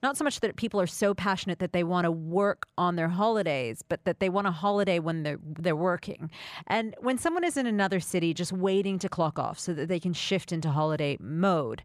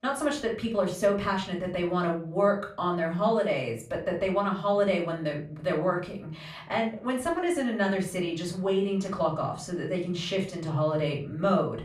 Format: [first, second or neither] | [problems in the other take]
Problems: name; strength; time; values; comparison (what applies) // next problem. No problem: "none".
first | room echo; slight; dies away in 0.3 s // off-mic speech; far